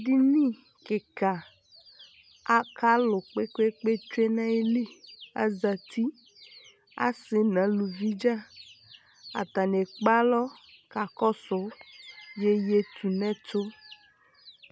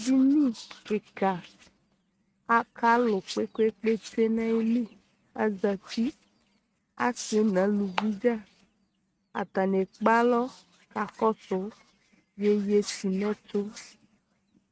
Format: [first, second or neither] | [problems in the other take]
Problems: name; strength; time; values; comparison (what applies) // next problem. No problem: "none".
first | noise reduction (neural mask model RNNoise)